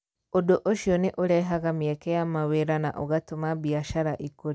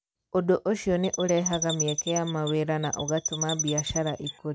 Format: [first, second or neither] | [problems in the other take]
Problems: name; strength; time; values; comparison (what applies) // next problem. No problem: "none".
first | background sound (Chirp, tweet); 6 dB below the speech